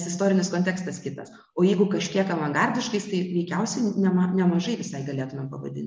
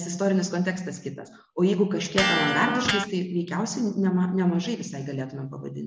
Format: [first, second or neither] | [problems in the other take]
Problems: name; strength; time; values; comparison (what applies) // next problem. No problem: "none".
first | background sound (Electric guitar); 3 dB below the speech